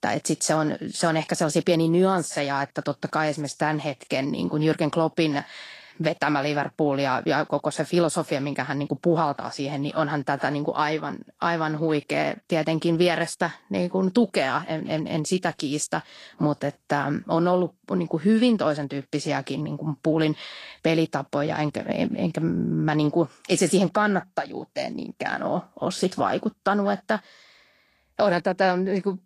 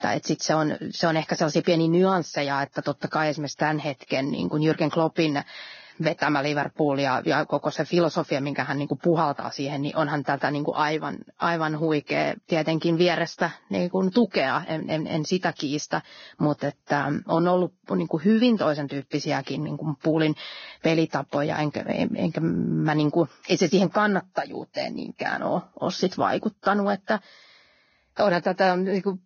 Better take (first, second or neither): first